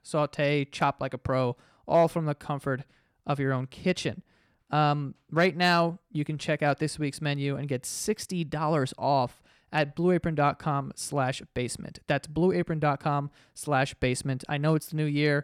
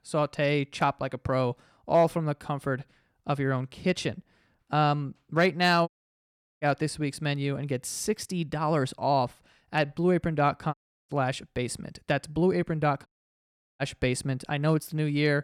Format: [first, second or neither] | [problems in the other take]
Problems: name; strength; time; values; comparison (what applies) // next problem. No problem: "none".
first | audio cutting out; at 6 s for 0.5 s, at 11 s and at 13 s for 0.5 s